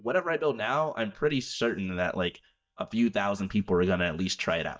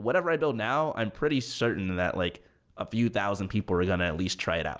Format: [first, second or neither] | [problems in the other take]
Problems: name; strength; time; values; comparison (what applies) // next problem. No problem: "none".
second | noise reduction (neural mask model DeepFilterNet 3)